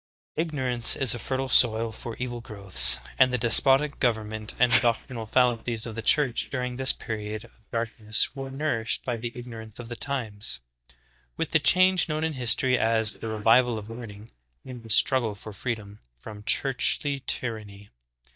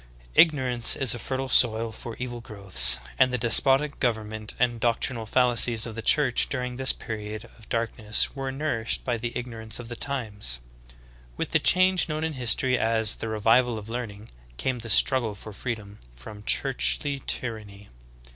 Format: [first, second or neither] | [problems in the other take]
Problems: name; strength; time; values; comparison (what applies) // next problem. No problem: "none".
second | noise reduction (neural mask model DeepFilterNet 3)